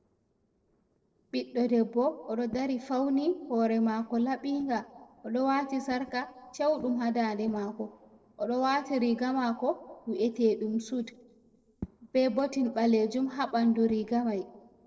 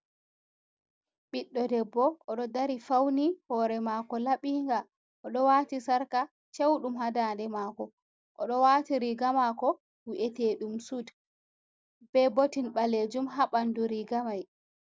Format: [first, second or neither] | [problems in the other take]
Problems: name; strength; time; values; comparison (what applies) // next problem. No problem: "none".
second | noise reduction (neural separator model SepFormer DNS4)